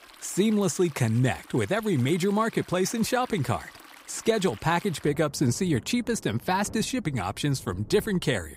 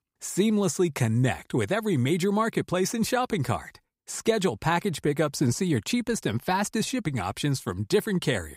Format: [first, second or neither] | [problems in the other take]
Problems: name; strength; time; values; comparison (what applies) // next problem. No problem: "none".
second | rain or running water; faint; throughout; 20 dB below the speech